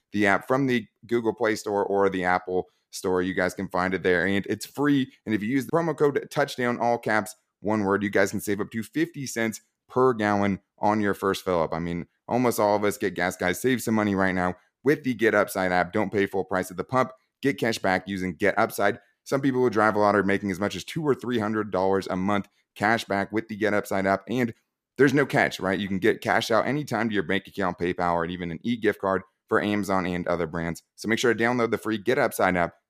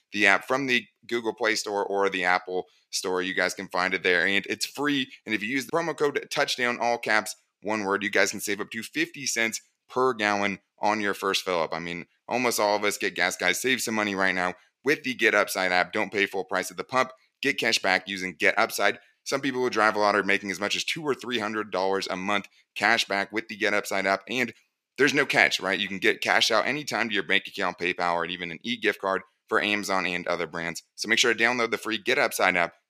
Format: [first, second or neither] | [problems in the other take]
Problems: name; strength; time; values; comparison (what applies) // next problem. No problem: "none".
first | thin; very slightly; fading below 750 Hz